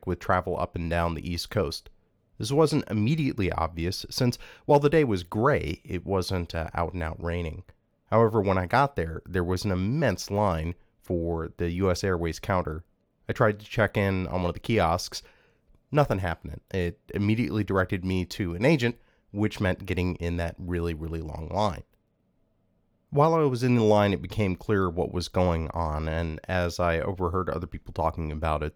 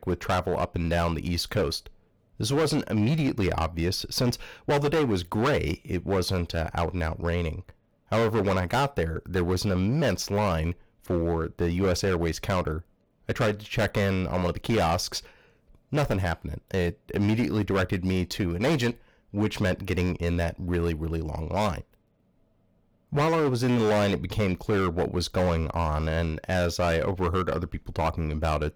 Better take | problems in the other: first | distortion; heavy; 13% of the sound clipped

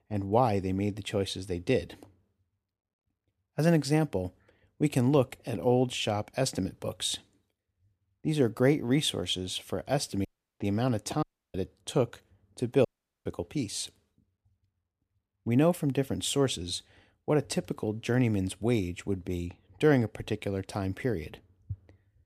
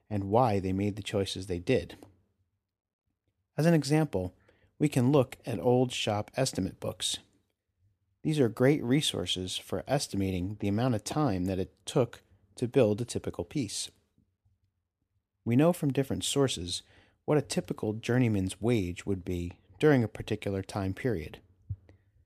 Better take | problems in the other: second | audio cutting out; at 10 s, at 11 s and at 13 s

